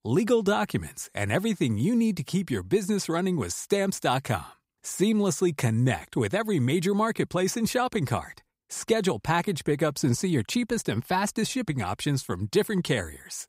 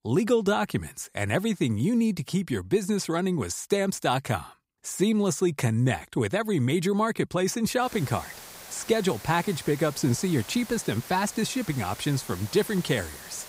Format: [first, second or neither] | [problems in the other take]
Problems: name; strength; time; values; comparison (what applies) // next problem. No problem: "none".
first | hiss; noticeable; from 8 s on; 15 dB below the speech